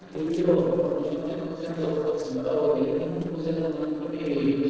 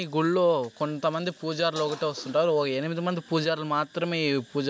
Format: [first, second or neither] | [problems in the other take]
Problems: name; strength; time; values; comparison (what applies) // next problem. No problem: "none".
second | noise reduction (neural separator model SepFormer DNS4)